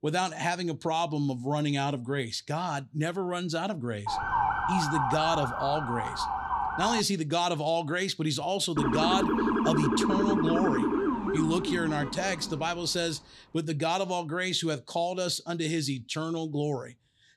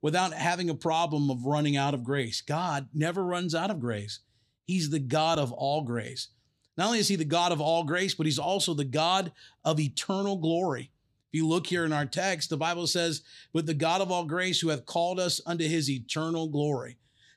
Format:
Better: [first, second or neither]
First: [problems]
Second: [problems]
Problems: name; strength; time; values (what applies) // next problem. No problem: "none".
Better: second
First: siren; loud; from 4 to 7 s and from 9 to 13 s; peak 4 dB above the speech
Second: none